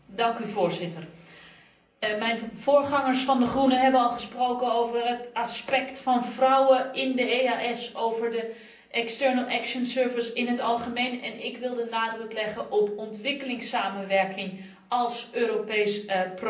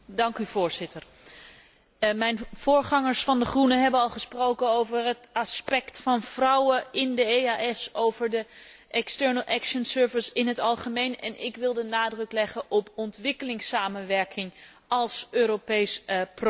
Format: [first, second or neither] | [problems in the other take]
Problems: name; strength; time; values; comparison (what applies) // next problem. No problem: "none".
second | room echo; dies away in 0.6 s